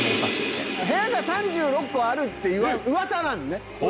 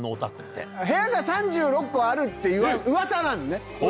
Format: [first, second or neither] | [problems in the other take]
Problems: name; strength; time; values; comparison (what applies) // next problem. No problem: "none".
second | background sound (Crash cymbal); 6 dB below the speech